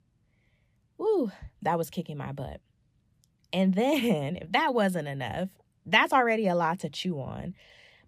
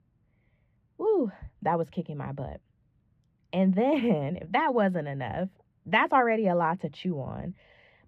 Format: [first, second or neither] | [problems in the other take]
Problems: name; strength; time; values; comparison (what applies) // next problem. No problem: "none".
first | muffled; very; fading above 4 kHz